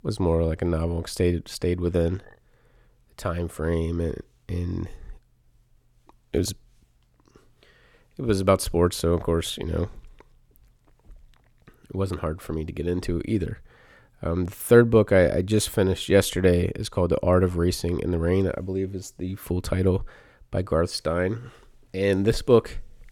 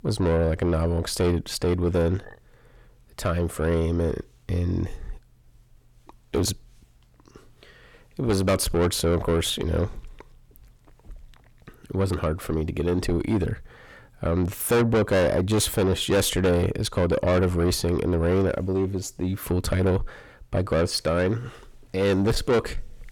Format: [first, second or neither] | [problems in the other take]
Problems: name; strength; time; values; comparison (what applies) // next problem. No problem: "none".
first | distortion; heavy; 7 dB below the speech